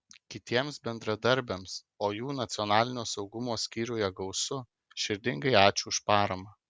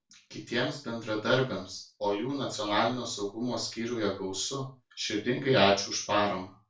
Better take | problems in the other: first | room echo; dies away in 0.3 s

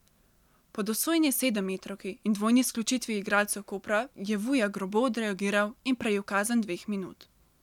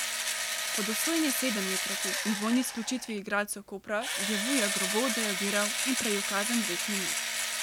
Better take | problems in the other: first | background sound (Engine / Drill); as loud as the speech

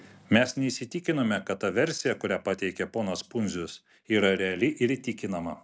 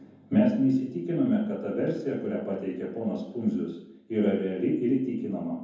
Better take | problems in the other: first | room echo; dies away in 0.9 s

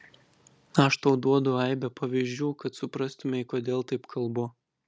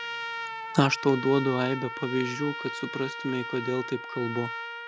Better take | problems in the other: first | background sound (Trumpet); 7 dB below the speech

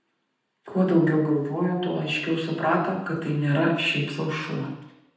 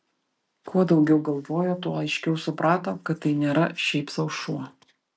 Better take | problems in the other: second | room echo; dies away in 0.9 s

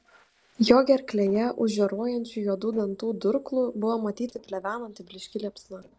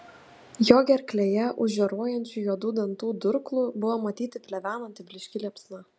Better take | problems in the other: second | noise reduction (neural separator model SepFormer DNS4)

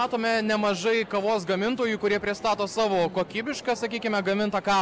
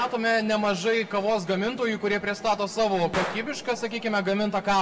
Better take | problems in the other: first | background sound (Gunshot, gunfire); 16 dB below the speech // room echo; dies away in 1.1 s

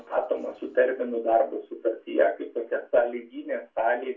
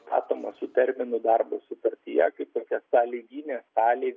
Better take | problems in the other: second | room echo; dies away in 0.2 s

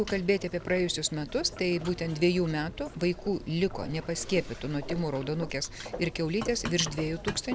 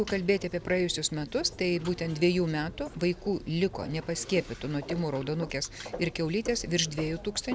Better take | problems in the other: second | background sound (Boiling); 15 dB below the speech

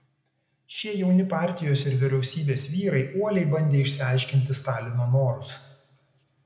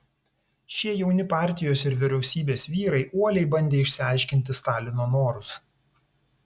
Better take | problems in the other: second | room echo; dies away in 0.9 s

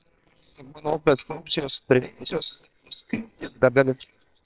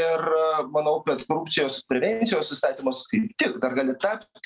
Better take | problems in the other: second | noise reduction (neural separator model SepFormer WHAMR!)

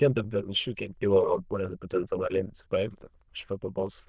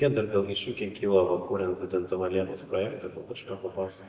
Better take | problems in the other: second | noise reduction (neural diffusion model UNIVERSE++)

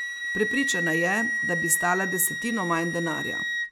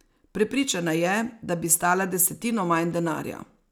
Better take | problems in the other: second | background sound (Wind instrument, woodwind instrument); 1 dB below the speech

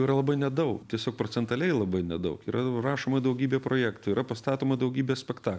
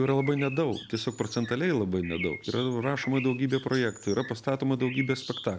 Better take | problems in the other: first | background sound (Bird); 14 dB below the speech

